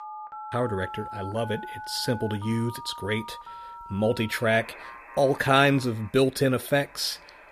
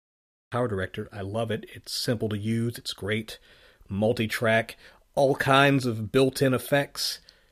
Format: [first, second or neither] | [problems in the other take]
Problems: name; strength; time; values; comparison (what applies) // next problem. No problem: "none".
second | alarms or sirens; noticeable; throughout; 15 dB below the speech